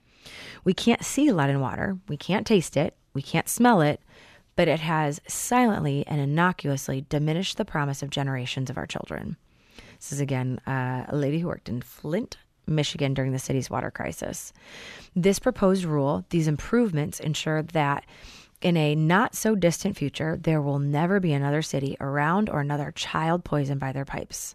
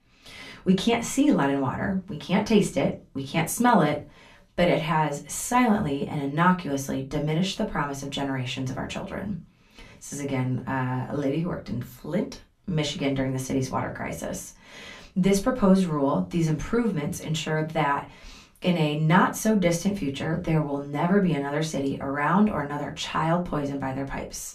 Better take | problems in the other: first | off-mic speech; far // room echo; very slight; dies away in 0.2 s

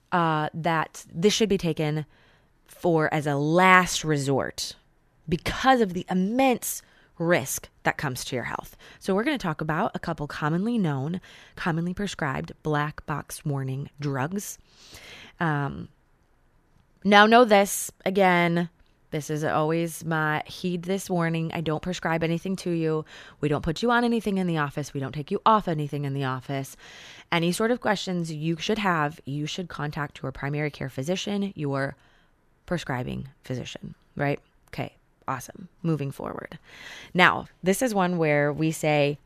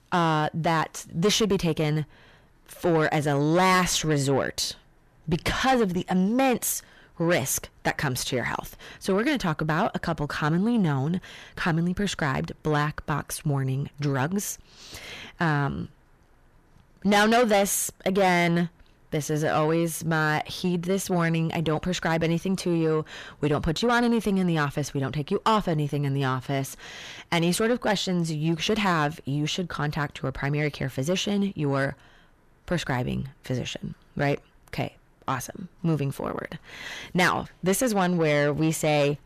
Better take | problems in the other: first | distortion; heavy; 8 dB below the speech

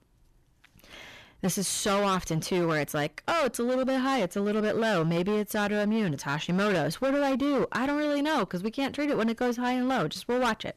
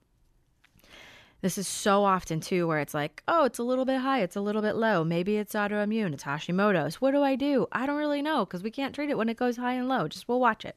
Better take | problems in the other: second | distortion; heavy; 19% of the sound clipped

